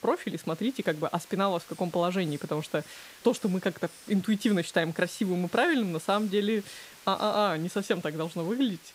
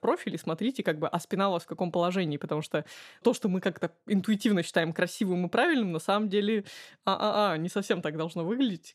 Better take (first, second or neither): second